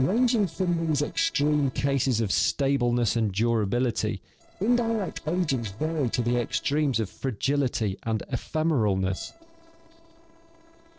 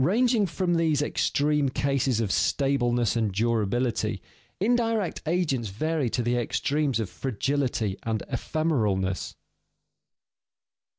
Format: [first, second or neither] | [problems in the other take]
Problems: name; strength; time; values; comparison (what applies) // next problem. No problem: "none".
second | noise reduction (neural separator model SepFormer DNS4)